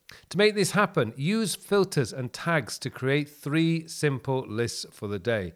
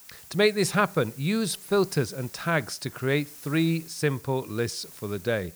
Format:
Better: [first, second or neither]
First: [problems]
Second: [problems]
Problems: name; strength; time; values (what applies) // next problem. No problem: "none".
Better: first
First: none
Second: hiss; noticeable; throughout; 20 dB below the speech